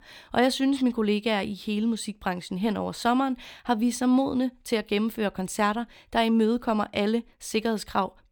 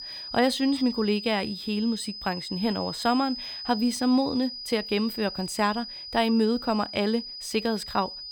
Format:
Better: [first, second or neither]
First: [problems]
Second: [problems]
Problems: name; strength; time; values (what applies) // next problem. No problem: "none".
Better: first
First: none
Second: high-pitched whine; loud; throughout; 5 kHz, 9 dB below the speech